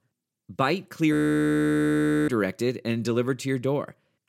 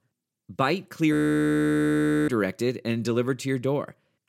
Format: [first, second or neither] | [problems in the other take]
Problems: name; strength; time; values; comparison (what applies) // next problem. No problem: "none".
neither | audio freezing; at 1 s for 1 s; the same in both